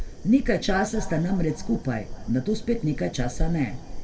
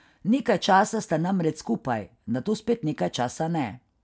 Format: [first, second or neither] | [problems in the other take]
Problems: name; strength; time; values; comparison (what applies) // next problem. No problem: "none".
second | background sound (Fire); 5 dB below the speech // room echo; dies away in 1.6 s